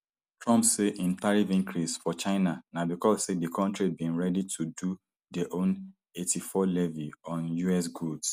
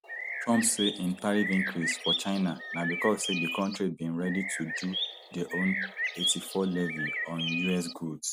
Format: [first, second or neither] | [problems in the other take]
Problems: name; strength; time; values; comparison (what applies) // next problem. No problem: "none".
first | background sound (Bird); 4 dB below the speech